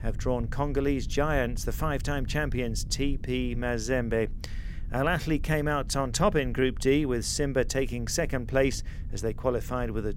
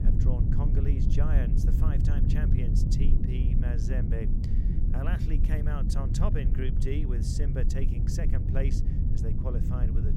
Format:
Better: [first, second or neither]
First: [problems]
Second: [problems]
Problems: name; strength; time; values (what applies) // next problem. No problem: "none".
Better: first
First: low rumble; faint; throughout; 25 dB below the speech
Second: low rumble; loud; throughout; as loud as the speech